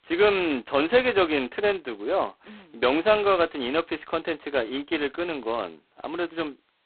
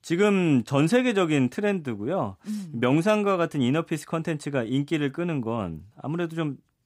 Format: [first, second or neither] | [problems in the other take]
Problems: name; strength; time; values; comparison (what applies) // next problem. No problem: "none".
second | phone-call audio; poor line; nothing above 4 kHz